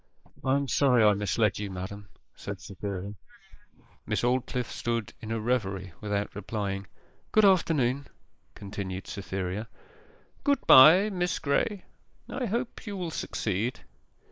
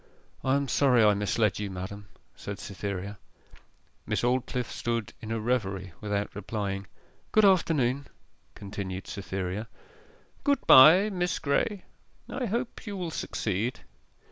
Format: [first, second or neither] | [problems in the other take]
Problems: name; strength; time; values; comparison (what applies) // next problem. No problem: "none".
second | noise reduction (neural mask model Resemble Enhance denoiser)